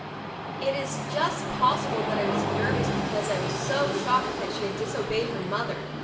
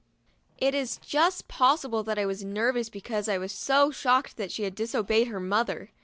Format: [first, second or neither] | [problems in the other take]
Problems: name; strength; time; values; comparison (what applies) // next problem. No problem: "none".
second | background sound (Train); as loud as the speech // room echo; dies away in 0.7 s